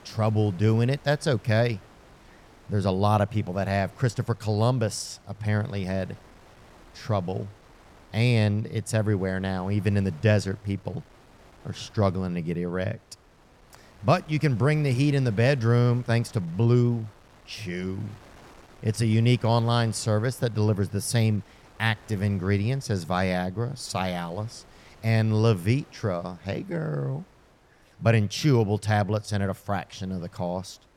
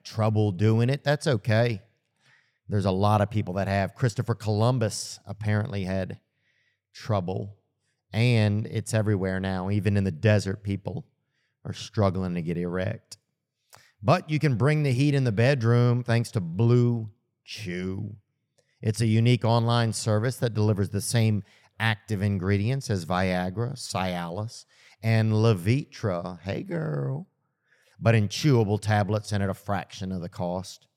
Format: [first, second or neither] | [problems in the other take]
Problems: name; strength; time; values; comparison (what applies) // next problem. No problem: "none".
second | wind noise on the microphone; occasional gusts; 25 dB below the speech